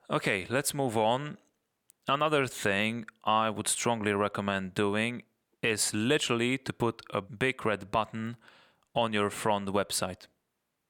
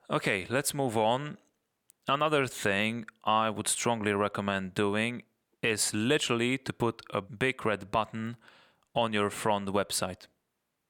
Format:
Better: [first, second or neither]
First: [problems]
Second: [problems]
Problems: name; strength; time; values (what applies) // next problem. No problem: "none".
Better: neither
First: none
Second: none